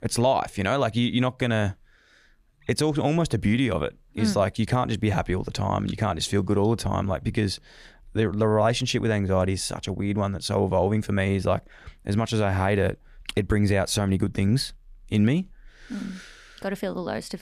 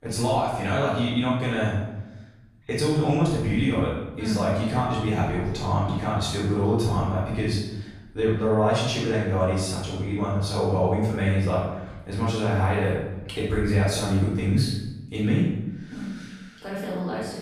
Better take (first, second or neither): first